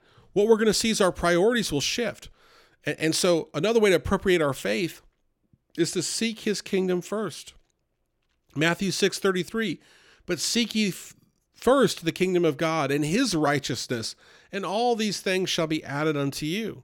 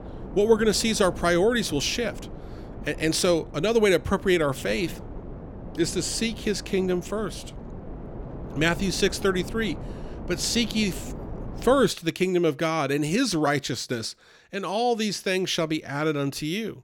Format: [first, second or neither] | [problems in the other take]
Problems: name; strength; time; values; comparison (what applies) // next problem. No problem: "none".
first | wind noise on the microphone; occasional gusts; until 12 s; 20 dB below the speech